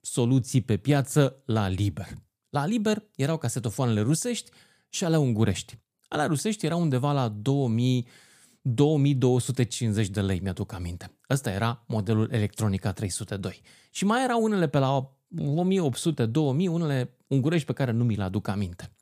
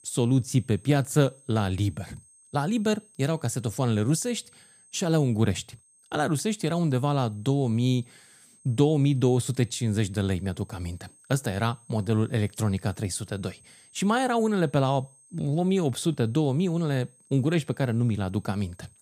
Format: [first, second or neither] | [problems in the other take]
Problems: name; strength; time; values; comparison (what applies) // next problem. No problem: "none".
first | high-pitched whine; faint; throughout; 8.5 kHz, 30 dB below the speech